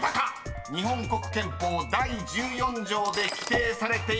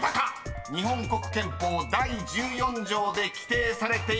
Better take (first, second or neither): second